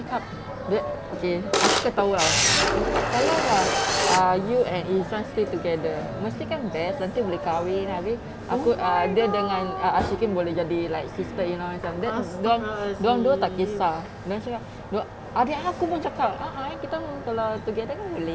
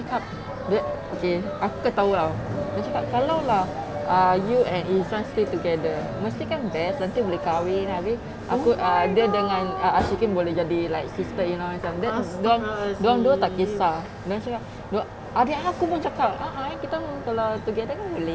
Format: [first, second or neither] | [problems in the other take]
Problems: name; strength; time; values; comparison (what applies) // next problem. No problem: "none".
second | background sound (Camera); 2 dB above the speech